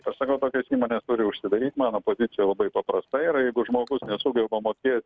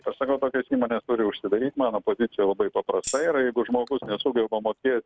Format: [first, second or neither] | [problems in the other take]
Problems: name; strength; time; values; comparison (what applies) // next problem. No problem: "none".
first | background sound (Tambourine); 11 dB below the speech